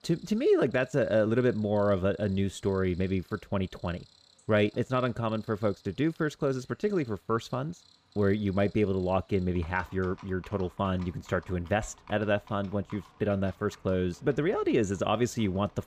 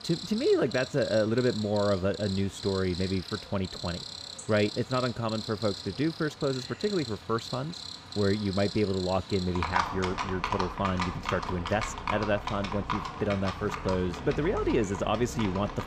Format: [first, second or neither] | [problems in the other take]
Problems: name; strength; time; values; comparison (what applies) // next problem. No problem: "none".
first | animal sounds; loud; throughout; 7 dB below the speech; faint in the first